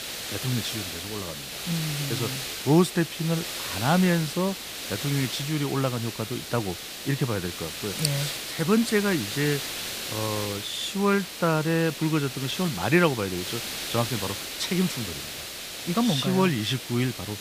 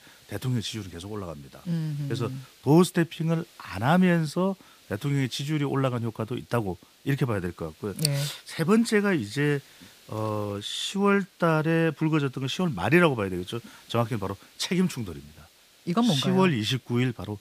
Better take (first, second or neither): second